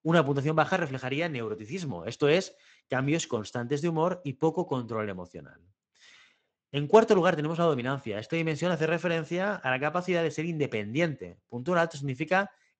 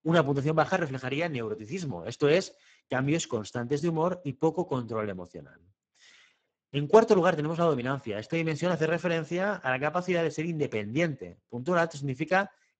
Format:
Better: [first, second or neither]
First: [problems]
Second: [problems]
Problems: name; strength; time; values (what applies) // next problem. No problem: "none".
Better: first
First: garbled, watery; slightly; nothing above 7.5 kHz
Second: garbled, watery; badly; nothing above 7.5 kHz